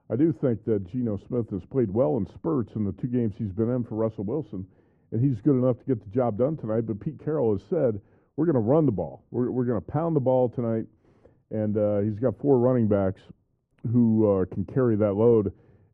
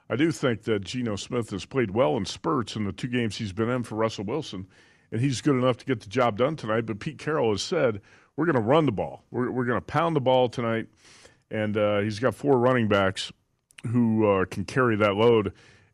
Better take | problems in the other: second | muffled; very; fading above 1.5 kHz

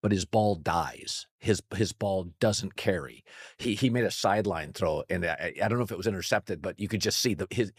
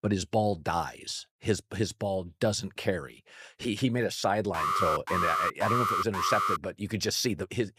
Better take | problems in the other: first | alarm; loud; from 4.5 to 6.5 s; peak 3 dB above the speech

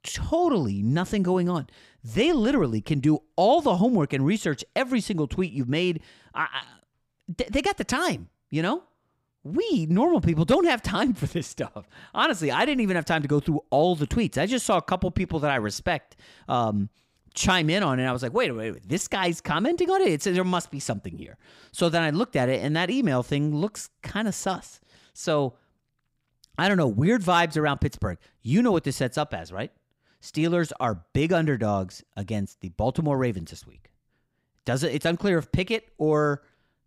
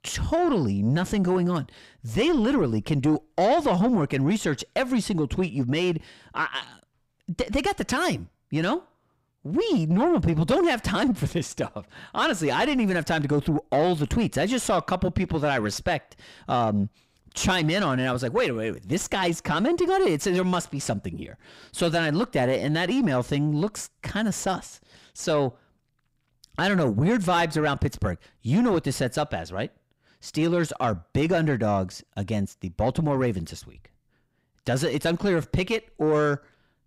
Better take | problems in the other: first | distortion; slight; 10 dB below the speech

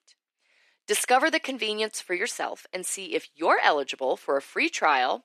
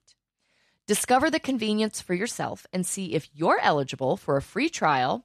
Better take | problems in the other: second | thin; somewhat; fading below 300 Hz

